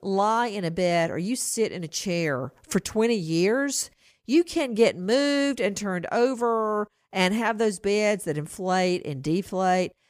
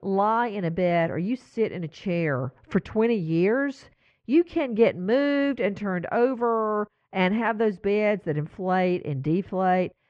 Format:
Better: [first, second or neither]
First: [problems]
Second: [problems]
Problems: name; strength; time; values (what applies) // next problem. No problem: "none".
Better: first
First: none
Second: muffled; very; fading above 2.5 kHz